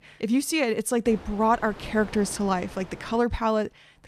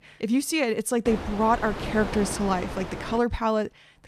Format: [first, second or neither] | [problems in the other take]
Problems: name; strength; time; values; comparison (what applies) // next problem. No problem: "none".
first | wind noise on the microphone; heavy; from 1 to 3 s; 9 dB below the speech; occasional gusts in the first